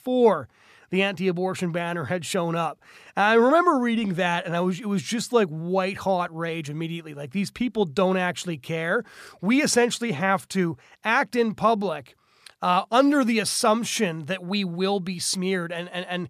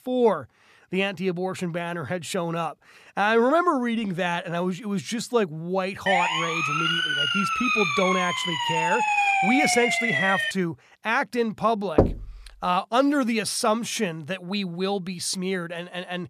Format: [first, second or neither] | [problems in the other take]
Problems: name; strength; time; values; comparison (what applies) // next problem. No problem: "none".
first | siren; loud; from 6 to 11 s; peak 6 dB above the speech // door banging; loud; at 12 s; peak 3 dB above the speech